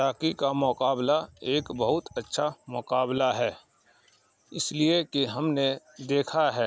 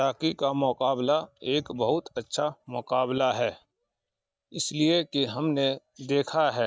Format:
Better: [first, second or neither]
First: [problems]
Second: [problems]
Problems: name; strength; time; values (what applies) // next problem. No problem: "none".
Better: first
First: none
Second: noise reduction (neural mask model DeepFilterNet 3)